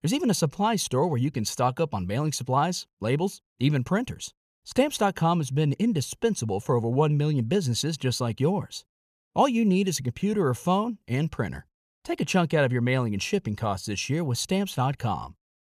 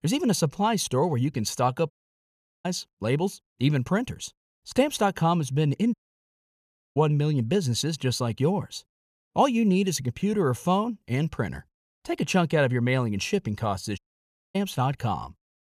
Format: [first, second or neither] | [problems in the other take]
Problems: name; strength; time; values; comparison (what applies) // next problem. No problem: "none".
first | audio cutting out; at 2 s for 0.5 s, at 6 s for 1 s and at 14 s for 0.5 s